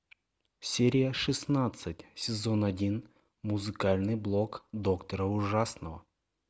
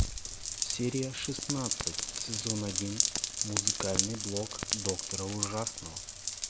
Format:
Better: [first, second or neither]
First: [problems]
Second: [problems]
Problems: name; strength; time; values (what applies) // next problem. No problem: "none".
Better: first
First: none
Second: background sound (Rain); 3 dB above the speech